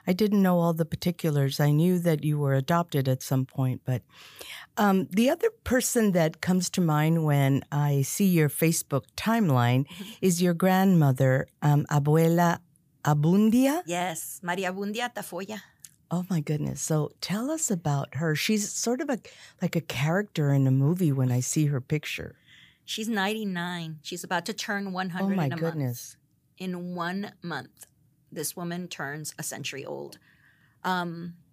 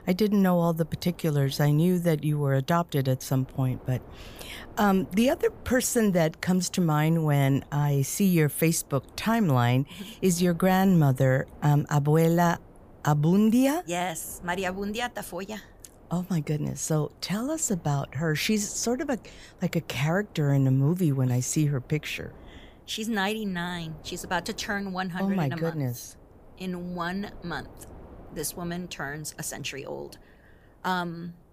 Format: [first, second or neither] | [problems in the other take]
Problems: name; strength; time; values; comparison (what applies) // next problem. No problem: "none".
first | wind noise on the microphone; occasional gusts; 25 dB below the speech